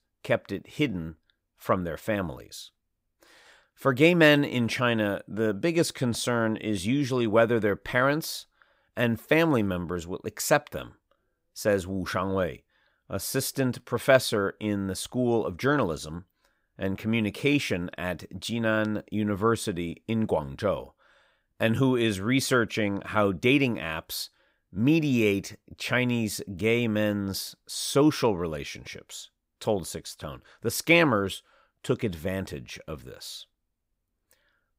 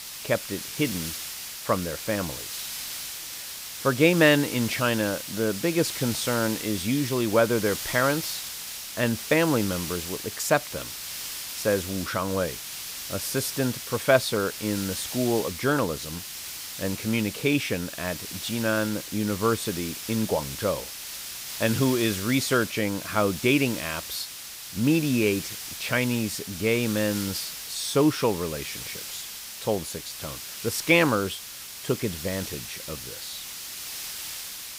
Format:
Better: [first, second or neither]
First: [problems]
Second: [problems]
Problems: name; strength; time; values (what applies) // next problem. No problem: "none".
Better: first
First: none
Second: hiss; loud; throughout; 8 dB below the speech